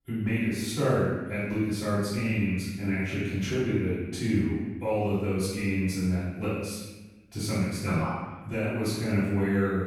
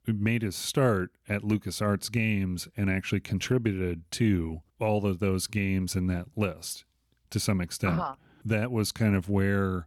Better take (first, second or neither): second